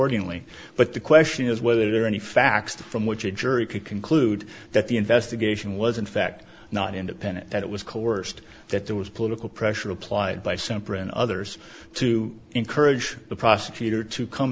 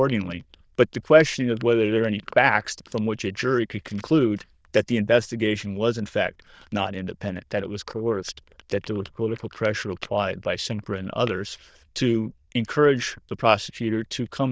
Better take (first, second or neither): first